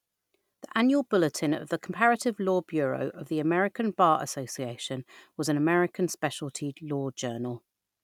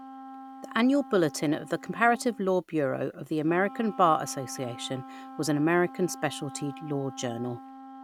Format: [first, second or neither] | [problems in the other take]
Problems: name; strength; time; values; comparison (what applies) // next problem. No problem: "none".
first | background sound (Wind instrument, woodwind instrument); 16 dB below the speech